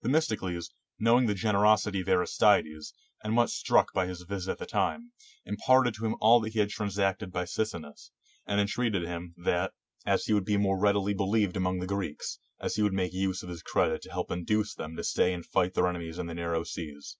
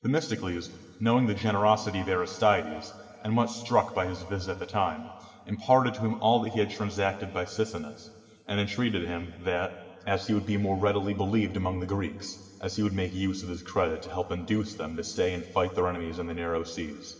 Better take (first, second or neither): first